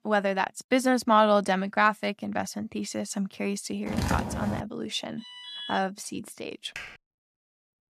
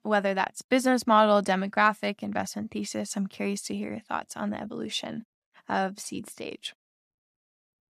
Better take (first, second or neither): second